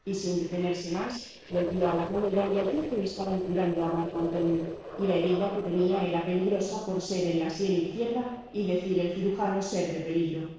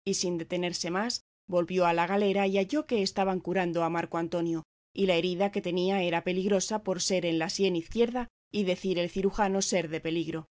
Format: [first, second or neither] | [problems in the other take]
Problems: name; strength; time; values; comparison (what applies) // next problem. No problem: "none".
second | noise reduction (neural separator model SepFormer DNS4)